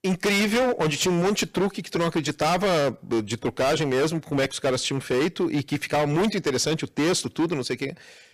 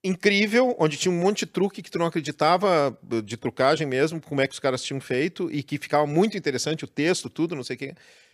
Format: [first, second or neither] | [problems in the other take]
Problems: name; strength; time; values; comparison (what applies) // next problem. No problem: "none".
second | distortion; heavy; 19% of the sound clipped